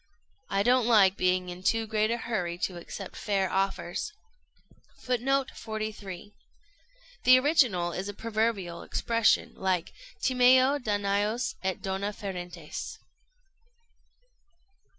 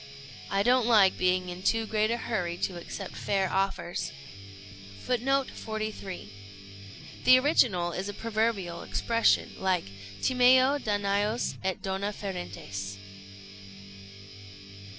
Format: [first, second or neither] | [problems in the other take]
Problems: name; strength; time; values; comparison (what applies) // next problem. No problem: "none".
first | background sound (Guitar); 14 dB below the speech